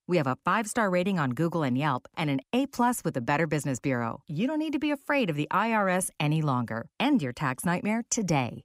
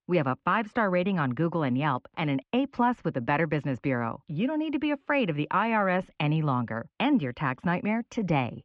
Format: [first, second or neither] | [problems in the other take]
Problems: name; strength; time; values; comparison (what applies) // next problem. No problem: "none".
first | muffled; very; fading above 3.5 kHz